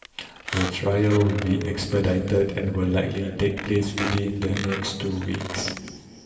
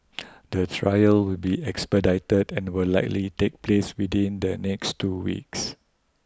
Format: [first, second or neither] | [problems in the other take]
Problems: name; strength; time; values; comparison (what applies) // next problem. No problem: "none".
second | background sound (Squeak); 13 dB below the speech // room echo; dies away in 2.5 s